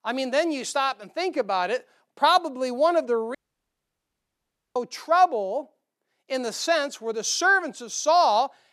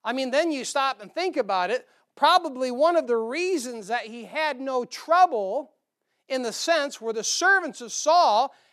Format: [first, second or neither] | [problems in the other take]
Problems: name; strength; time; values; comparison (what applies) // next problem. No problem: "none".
second | audio cutting out; at 3.5 s for 1.5 s